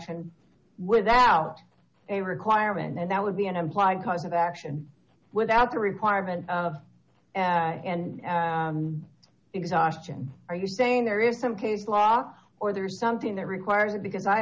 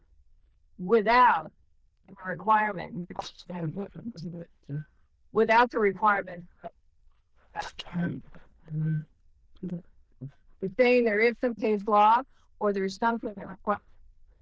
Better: first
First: none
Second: noise reduction (neural diffusion model UNIVERSE++)

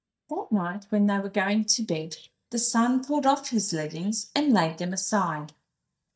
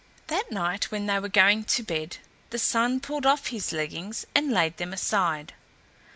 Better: second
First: noise reduction (neural mask model DeepFilterNet 3)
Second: none

